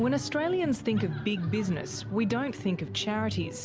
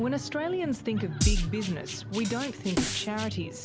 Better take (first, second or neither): first